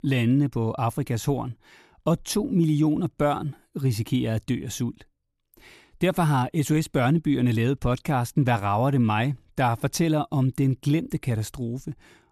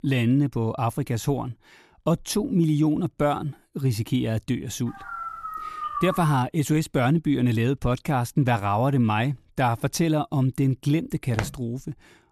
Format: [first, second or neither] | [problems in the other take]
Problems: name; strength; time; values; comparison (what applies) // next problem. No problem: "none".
first | dog barking; noticeable; from 5 to 6.5 s; peak 6 dB below the speech // footsteps; noticeable; at 11 s; peak 9 dB below the speech